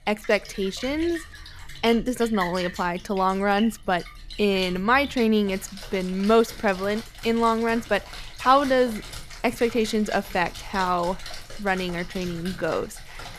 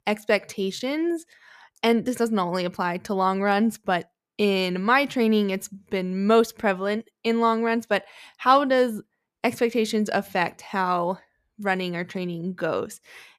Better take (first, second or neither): second